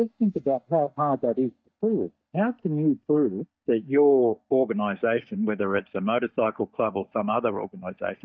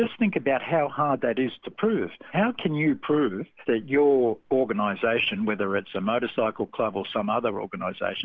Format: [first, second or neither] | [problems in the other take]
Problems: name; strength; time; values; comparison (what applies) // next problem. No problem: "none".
second | noise reduction (neural mask model DeepFilterNet 3)